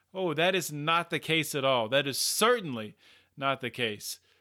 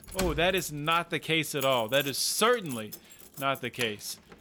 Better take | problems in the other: first | household noises; noticeable; throughout; 15 dB below the speech

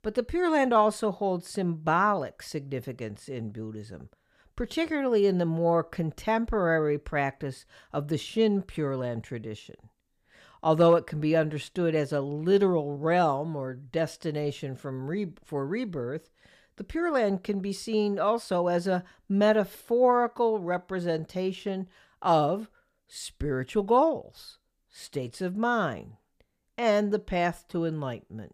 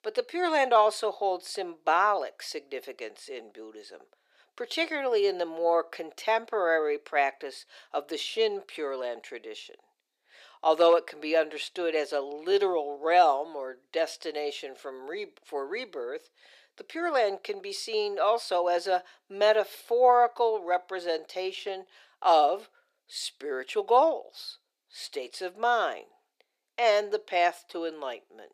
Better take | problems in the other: first | thin; very; fading below 350 Hz

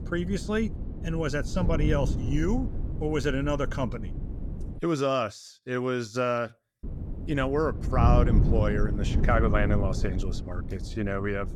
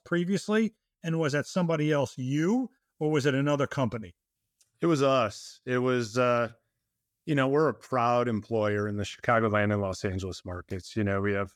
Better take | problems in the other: second | wind noise on the microphone; occasional gusts; until 5 s and from 7 s on; 10 dB below the speech

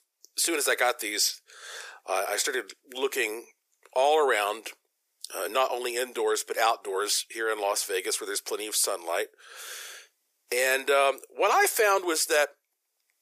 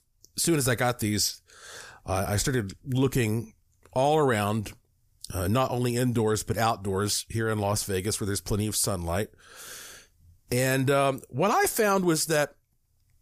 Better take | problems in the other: second | thin; very; fading below 400 Hz

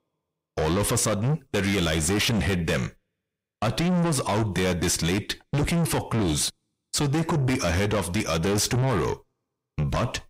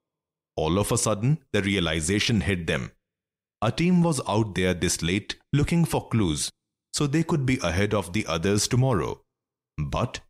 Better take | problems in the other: second | distortion; heavy; 6 dB below the speech

